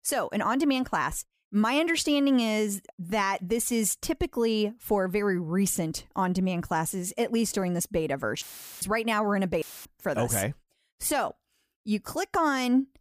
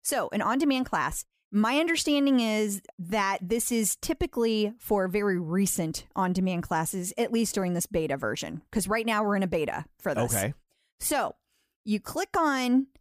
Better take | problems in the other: second | audio cutting out; filled with static; at 8.5 s and at 9.5 s

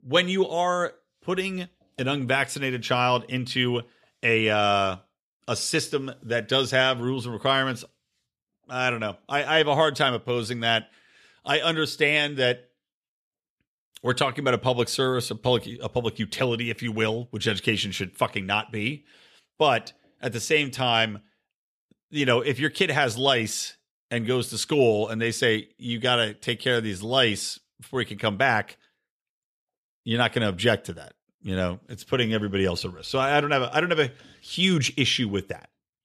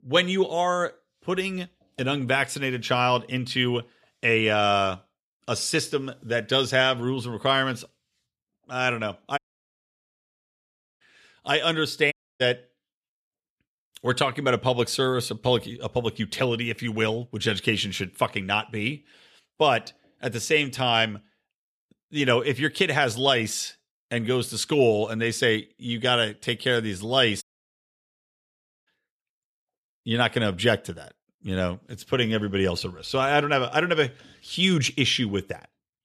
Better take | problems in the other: first | audio cutting out; at 9.5 s for 1.5 s, at 12 s and at 27 s for 1.5 s

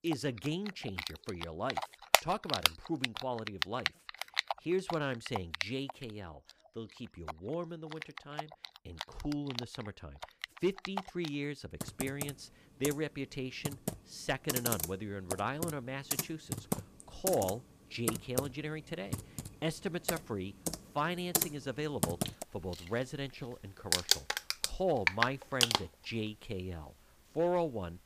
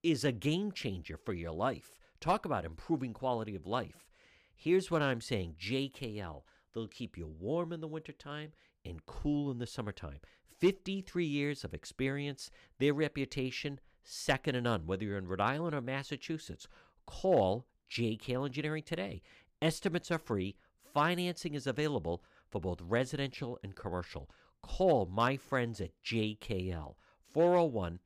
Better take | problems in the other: second | household noises; very loud; throughout; 2 dB above the speech

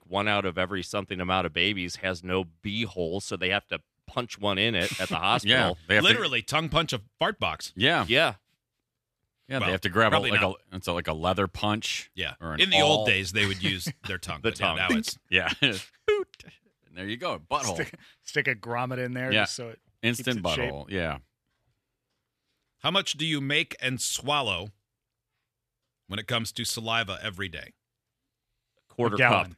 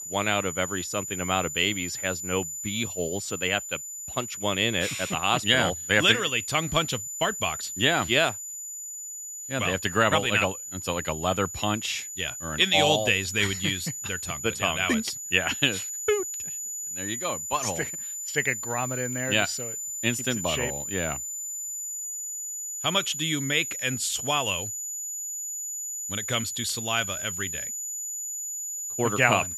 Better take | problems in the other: first | high-pitched whine; loud; throughout; 7 kHz, 6 dB below the speech

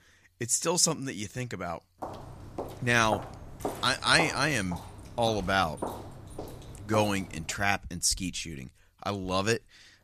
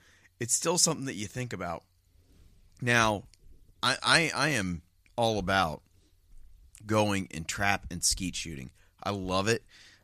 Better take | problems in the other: second | footsteps; noticeable; from 2 to 7.5 s; peak 7 dB below the speech

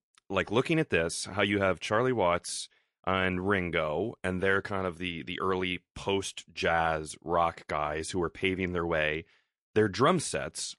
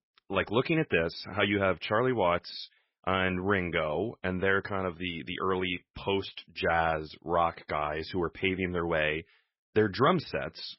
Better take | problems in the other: first | garbled, watery; badly; nothing above 5.5 kHz; slightly in the first

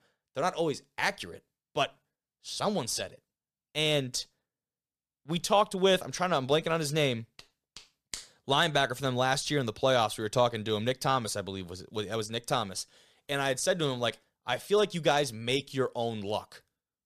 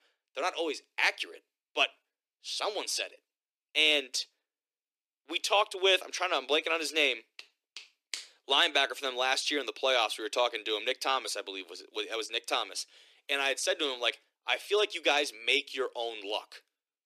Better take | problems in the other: first | thin; somewhat; fading below 300 Hz

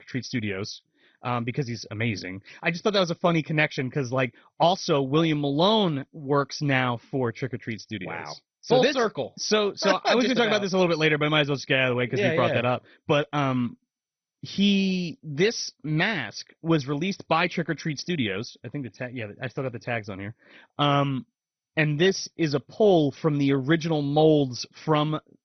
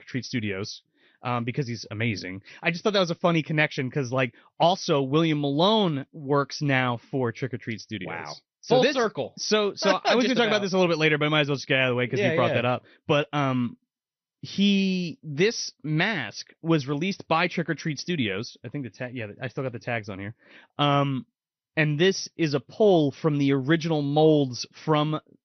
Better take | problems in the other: second | garbled, watery; badly; nothing above 6 kHz; slightly in the second

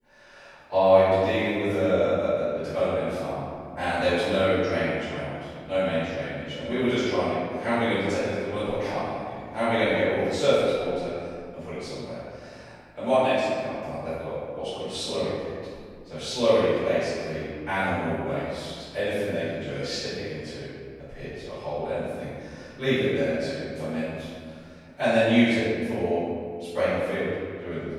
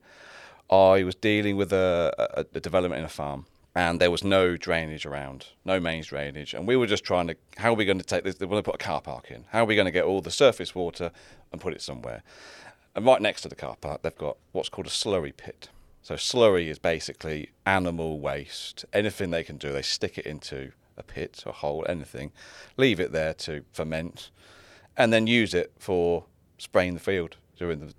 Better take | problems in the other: second | off-mic speech; far // room echo; strong; dies away in 1.9 s

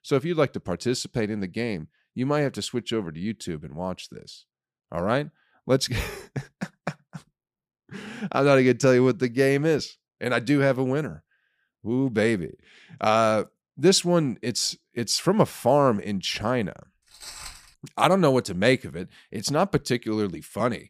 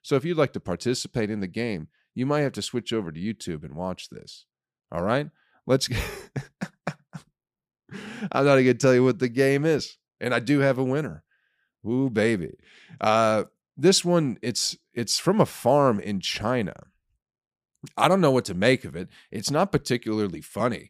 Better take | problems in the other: second | footsteps; faint; at 17 s; peak 15 dB below the speech

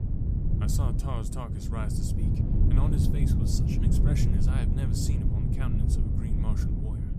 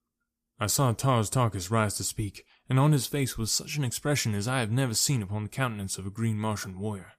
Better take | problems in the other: second | wind noise on the microphone; heavy; 3 dB above the speech

